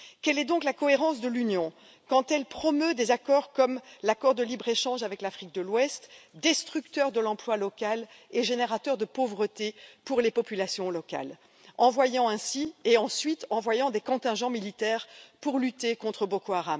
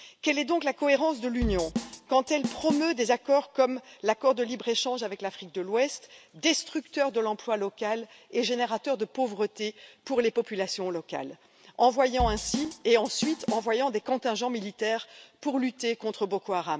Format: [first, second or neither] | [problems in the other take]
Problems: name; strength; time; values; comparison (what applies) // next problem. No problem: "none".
first | background sound (Drum / Drum kit); 8 dB below the speech